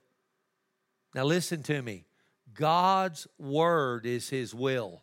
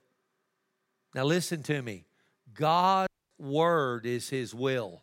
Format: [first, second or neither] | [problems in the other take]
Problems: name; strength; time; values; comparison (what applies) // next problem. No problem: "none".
first | audio cutting out; at 3 s